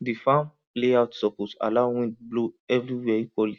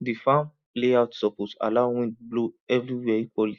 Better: first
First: none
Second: noise reduction (neural mask model Resemble Enhance denoiser)

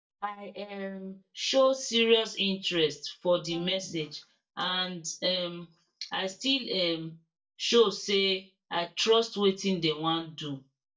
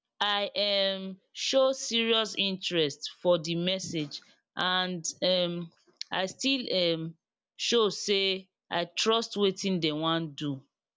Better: second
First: noise reduction (neural mask model DeepFilterNet 3)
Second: none

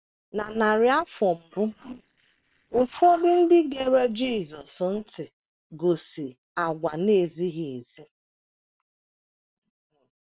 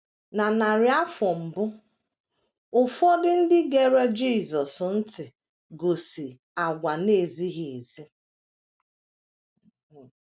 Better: second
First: noise reduction (neural separator model SepFormer WHAM!)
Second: none

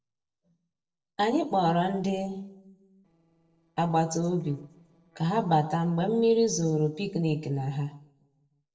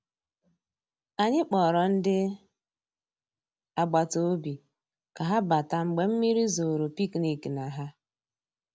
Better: second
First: noise reduction (neural separator model SepFormer DNS4)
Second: none

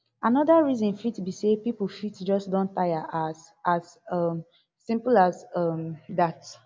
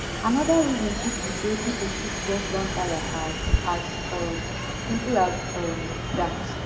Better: first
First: none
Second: background sound (Subway, metro, underground); 1 dB below the speech // room echo; dies away in 0.7 s

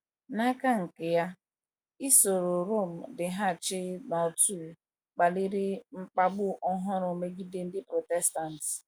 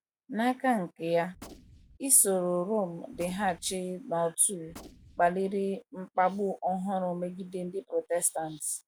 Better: first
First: none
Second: background sound (Gunshot, gunfire); 19 dB below the speech

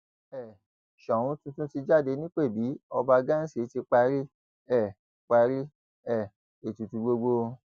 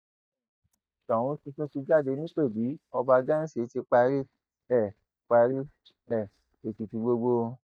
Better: first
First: none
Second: noise reduction (neural mask model DeepFilterNet 3)

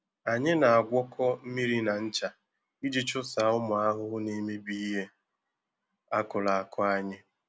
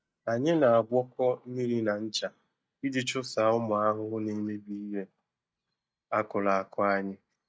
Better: first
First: none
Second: noise reduction (neural mask model DeepFilterNet 3)

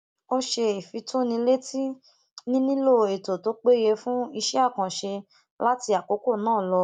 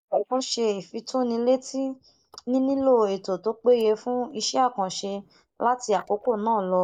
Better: first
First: none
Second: noise reduction (neural mask model Resemble Enhance denoiser)

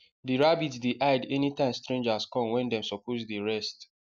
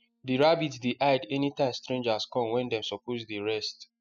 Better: first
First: none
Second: noise reduction (classical method spectral subtraction)

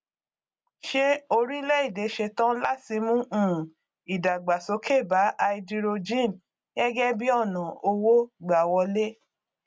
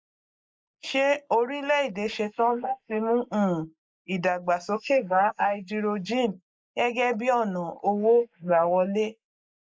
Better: first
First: none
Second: noise reduction (neural mask model Resemble Enhance denoiser)

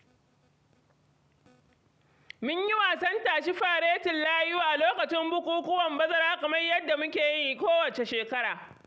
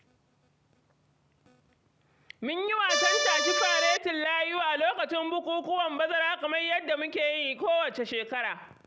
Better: first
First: none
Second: background sound (Accordion); 4 dB above the speech

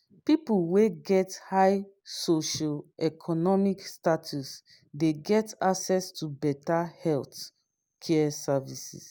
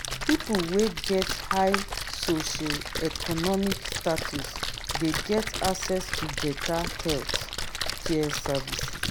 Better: first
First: none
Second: background sound (Splash, splatter); 2 dB below the speech

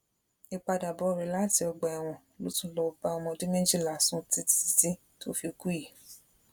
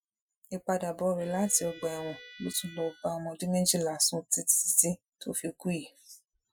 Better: first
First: none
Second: noise reduction (classical method Wiener filter)

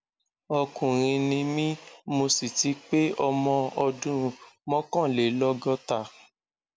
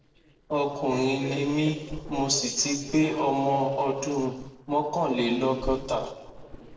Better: first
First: none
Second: noise reduction (neural separator model SepFormer DNS4)

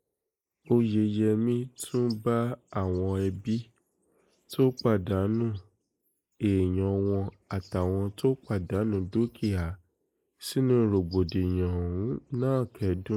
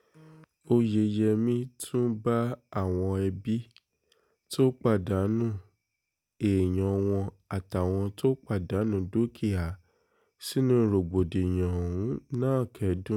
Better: second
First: noise reduction (neural mask model Resemble Enhance denoiser)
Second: none

